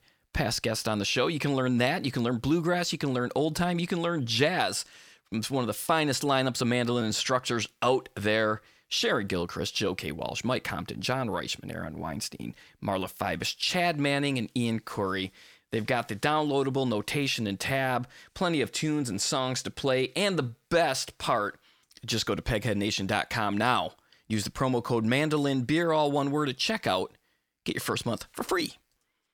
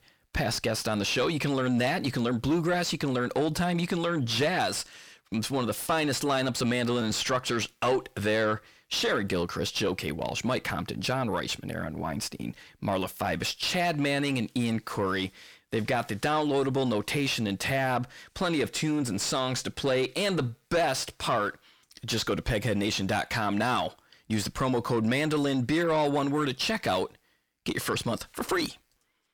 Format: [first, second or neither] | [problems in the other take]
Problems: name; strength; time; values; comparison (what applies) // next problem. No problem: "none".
first | distortion; slight; 10 dB below the speech